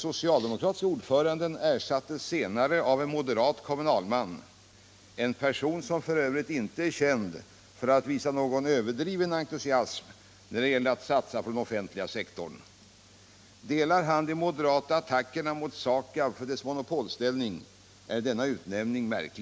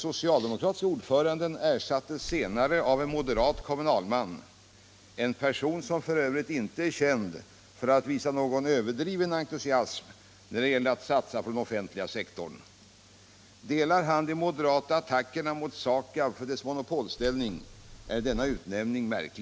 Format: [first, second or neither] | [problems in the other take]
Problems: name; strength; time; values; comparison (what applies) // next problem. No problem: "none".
first | background sound (Keys jangling); 13 dB below the speech